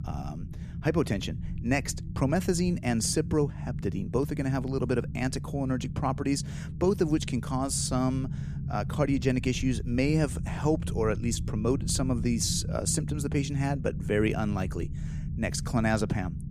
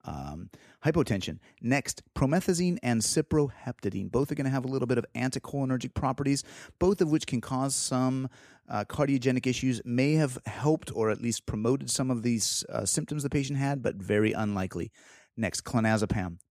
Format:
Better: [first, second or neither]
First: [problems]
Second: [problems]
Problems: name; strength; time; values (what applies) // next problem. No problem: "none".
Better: second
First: low rumble; noticeable; throughout; 15 dB below the speech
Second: none